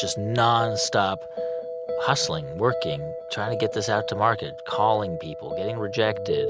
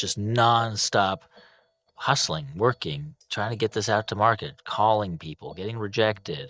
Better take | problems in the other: first | noise reduction (neural mask model DeepFilterNet 3)

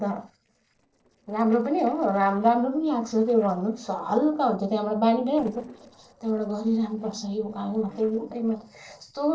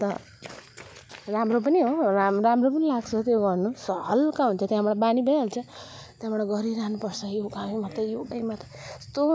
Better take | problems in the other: second | noise reduction (neural separator model SepFormer DNS4)

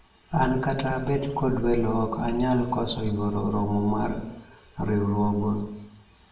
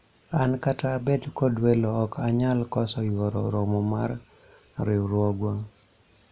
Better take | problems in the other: second | room echo; dies away in 0.7 s

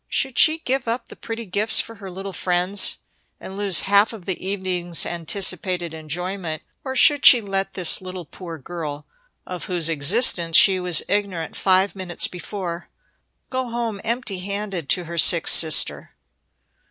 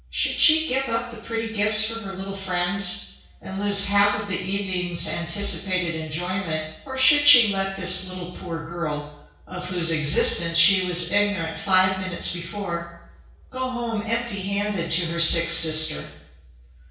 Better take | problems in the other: first | room echo; dies away in 0.6 s

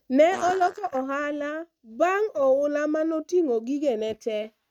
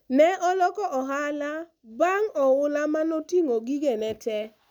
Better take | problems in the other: second | noise reduction (neural mask model RNNoise)

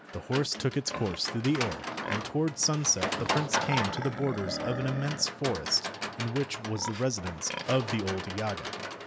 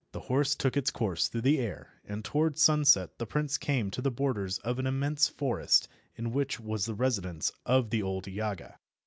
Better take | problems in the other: second | background sound (Livestock, farm animals, working animals); 4 dB below the speech

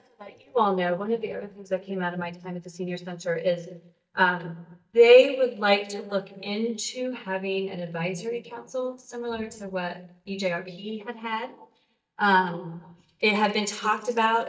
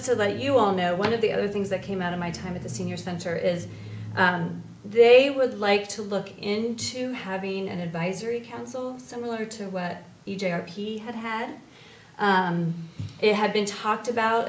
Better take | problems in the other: second | noise reduction (neural mask model DeepFilterNet 3)

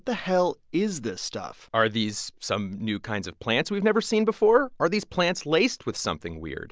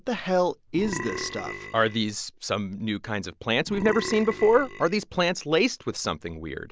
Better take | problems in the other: first | background sound (Burping, eructation); 10 dB below the speech

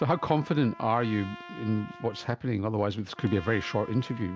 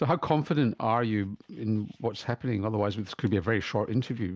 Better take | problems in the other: second | background sound (Trumpet); 18 dB below the speech

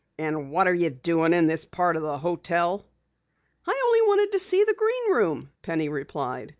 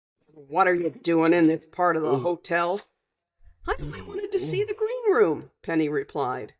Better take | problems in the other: first | noise reduction (neural mask model DeepFilterNet 3)

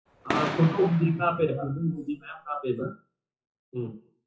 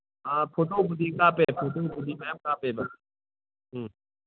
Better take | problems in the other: second | noise reduction (classical method WPE with log-MMSE)

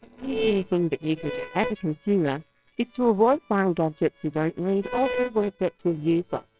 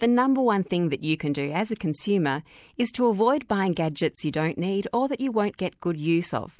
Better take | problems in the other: second | noise reduction (neural separator model SepFormer WHAMR!)

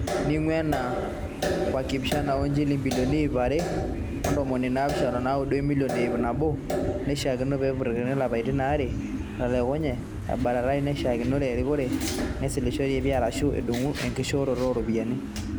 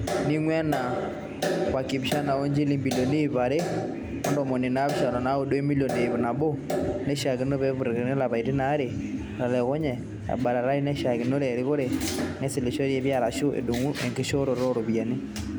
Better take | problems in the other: second | background sound (Wind); 11 dB below the speech

